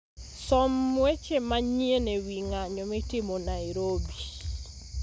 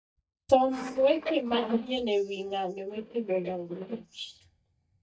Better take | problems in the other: first | noise reduction (neural mask model DeepFilterNet 3)

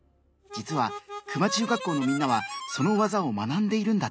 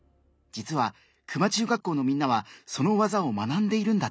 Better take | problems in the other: second | background sound (Harmonica); 10 dB below the speech

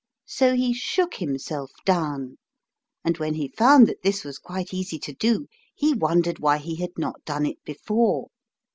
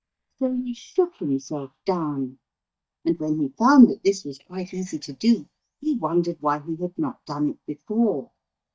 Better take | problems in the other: first | noise reduction (neural mask model DeepFilterNet 3)

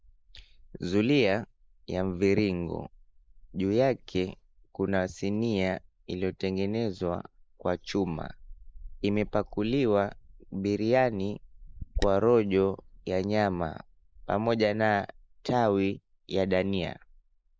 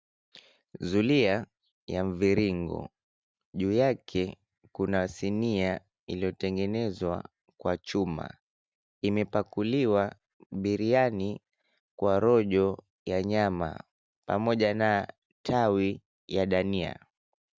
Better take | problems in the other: second | noise reduction (neural mask model Resemble Enhance denoiser)

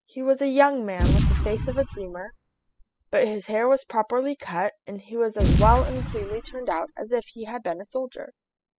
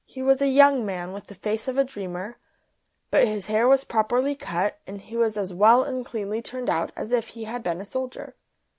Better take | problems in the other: second | noise reduction (classical method spectral subtraction)

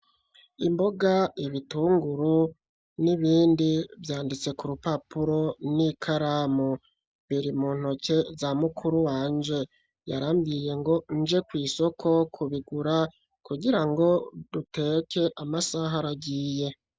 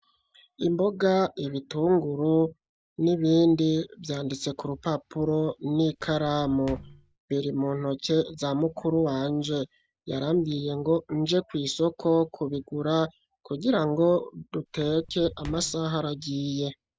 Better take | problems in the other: first | background sound (Walk, footsteps); 17 dB below the speech

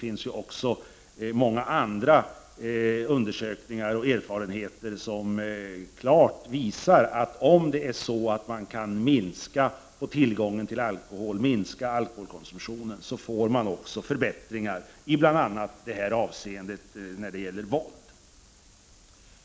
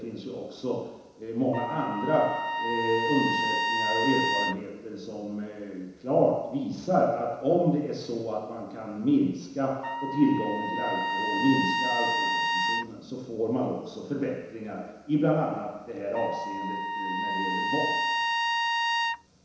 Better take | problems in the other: first | background sound (Trumpet); as loud as the speech // room echo; dies away in 1 s

